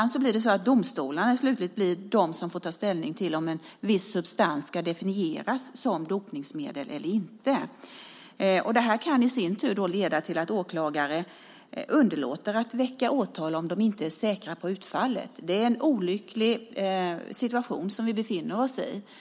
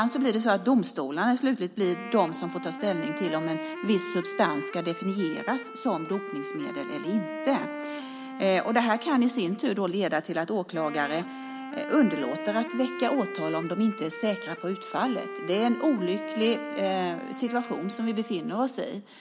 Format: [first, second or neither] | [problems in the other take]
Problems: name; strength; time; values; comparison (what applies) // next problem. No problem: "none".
first | background sound (Wind instrument, woodwind instrument); 10 dB below the speech